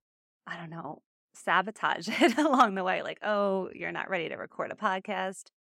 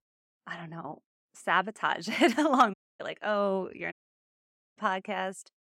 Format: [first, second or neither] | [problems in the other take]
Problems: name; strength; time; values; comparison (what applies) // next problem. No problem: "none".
first | audio cutting out; at 2.5 s and at 4 s for 1 s